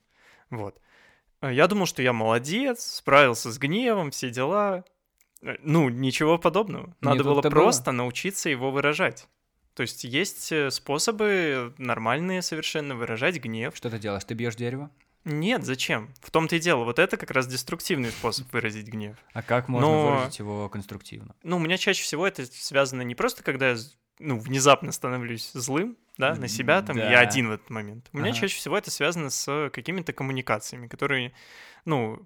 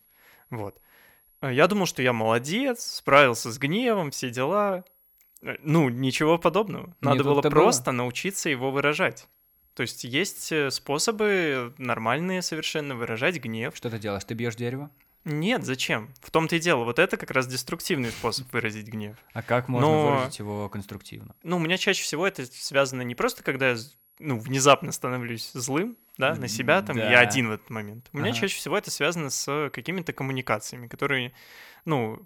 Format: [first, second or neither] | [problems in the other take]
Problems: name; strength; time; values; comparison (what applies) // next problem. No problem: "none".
first | high-pitched whine; faint; throughout; 11.5 kHz, 35 dB below the speech